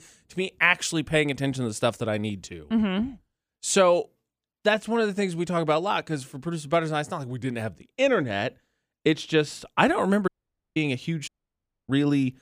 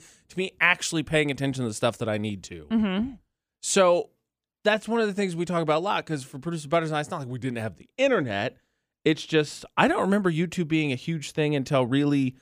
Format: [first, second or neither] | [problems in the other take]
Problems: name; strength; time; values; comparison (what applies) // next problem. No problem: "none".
second | audio cutting out; at 10 s and at 11 s for 0.5 s